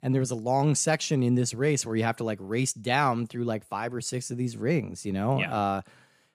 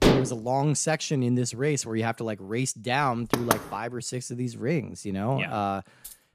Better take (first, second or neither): first